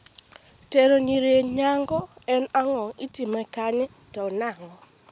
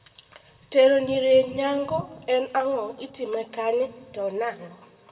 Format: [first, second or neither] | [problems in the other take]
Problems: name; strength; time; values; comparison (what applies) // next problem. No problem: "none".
first | room echo; dies away in 1.4 s